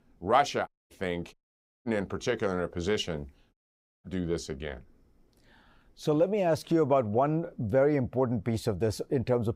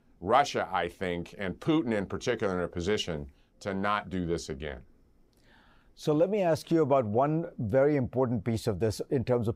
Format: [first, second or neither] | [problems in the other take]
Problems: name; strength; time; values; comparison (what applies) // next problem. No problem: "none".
second | audio cutting out; at 0.5 s, at 1.5 s for 0.5 s and at 3.5 s for 0.5 s